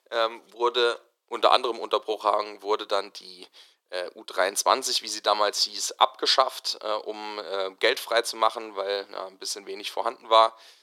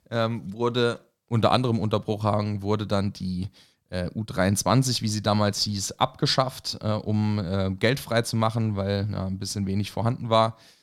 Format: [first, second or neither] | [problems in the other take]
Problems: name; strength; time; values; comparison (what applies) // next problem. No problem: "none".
second | thin; very; fading below 350 Hz